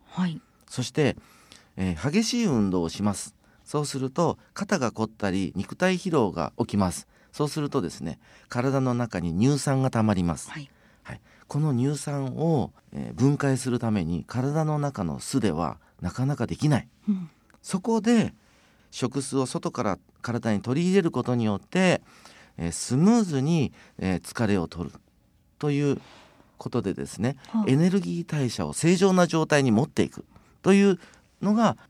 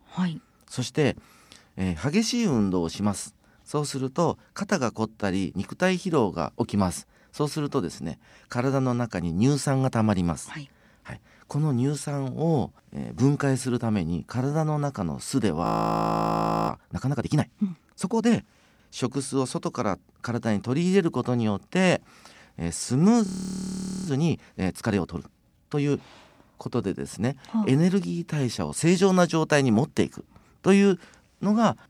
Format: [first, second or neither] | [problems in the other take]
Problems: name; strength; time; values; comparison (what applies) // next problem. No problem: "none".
first | audio freezing; at 16 s for 1 s and at 23 s for 1 s